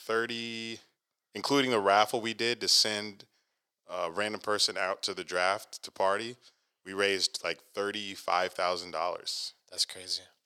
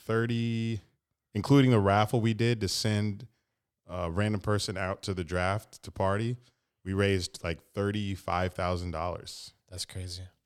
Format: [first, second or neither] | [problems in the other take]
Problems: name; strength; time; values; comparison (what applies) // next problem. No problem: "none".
second | thin; somewhat; fading below 500 Hz